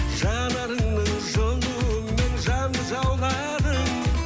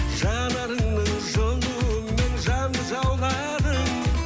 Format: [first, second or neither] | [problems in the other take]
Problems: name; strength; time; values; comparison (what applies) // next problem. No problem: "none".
second | background sound (Bowed string instrument); 17 dB below the speech